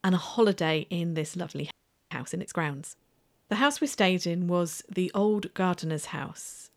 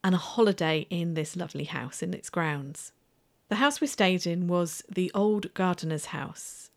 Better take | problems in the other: second | audio freezing; at 1.5 s

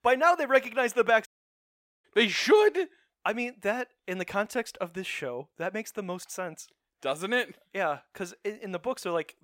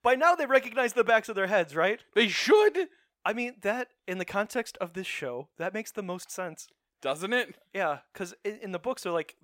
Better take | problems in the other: second | audio cutting out; at 1.5 s for 1 s

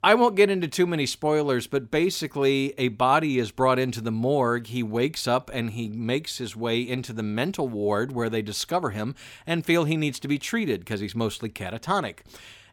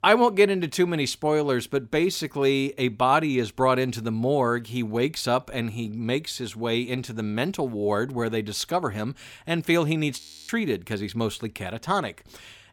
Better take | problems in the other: first | audio freezing; at 10 s

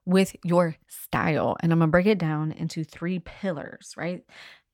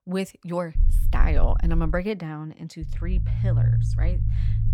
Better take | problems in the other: first | low rumble; loud; from 1 to 2 s and from 3 s on; 7 dB below the speech

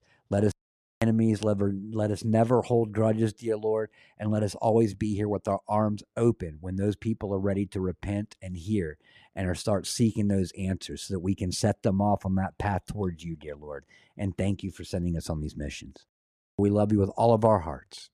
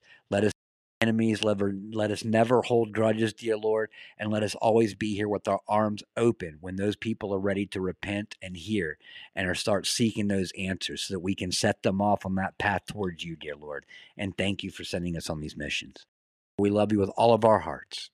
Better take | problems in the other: first | thin; very slightly; fading below 450 Hz

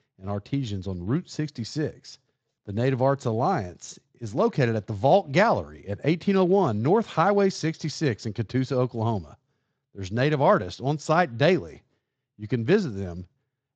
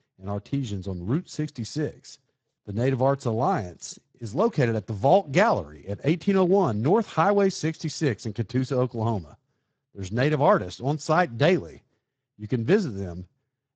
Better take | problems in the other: first | garbled, watery; badly; nothing above 7.5 kHz; slightly in the first

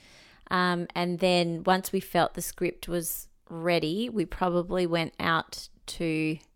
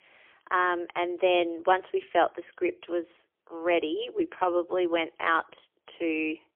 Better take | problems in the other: first | phone-call audio; poor line; nothing above 3.5 kHz

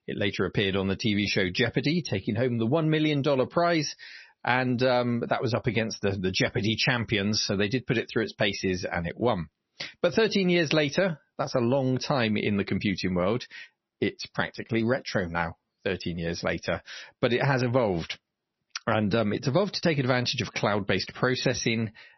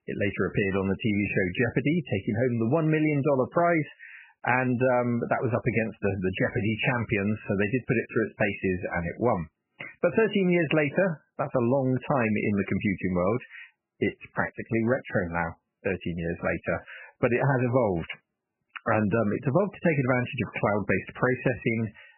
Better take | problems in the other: first | garbled, watery; badly; nothing above 3 kHz; slightly in the first

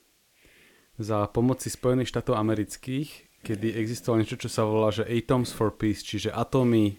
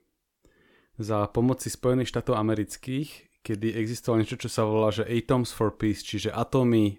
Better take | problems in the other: second | hiss; faint; throughout; 25 dB below the speech

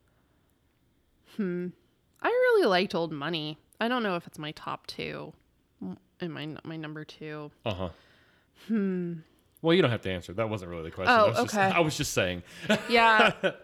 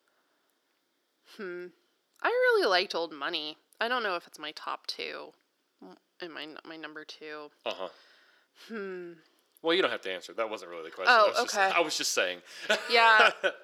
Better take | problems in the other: first | thin; very; fading below 350 Hz

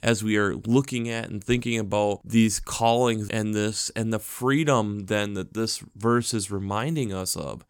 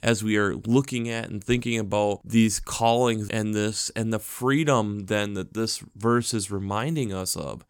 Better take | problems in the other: neither | none

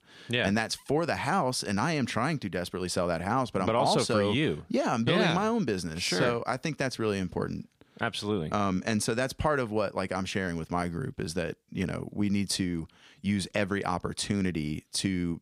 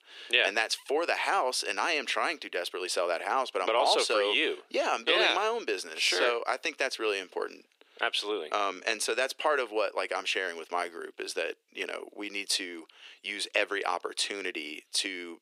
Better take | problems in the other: first | thin; very; fading below 350 Hz

